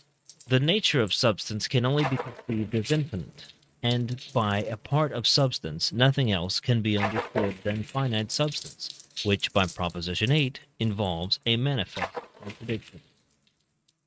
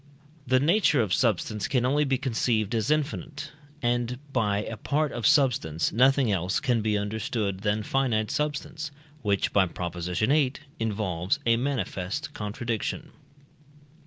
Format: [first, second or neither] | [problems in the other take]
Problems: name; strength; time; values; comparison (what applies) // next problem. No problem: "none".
second | noise reduction (neural mask model RNNoise)